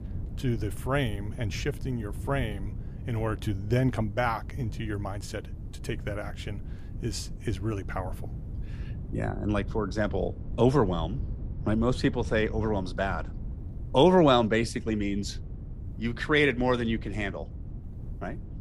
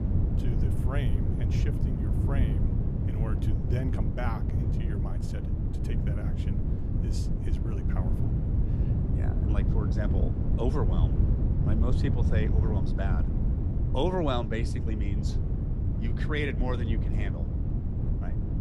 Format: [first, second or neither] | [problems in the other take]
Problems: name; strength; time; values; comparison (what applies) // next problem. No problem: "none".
first | low rumble; loud; throughout; 3 dB below the speech; faint in the first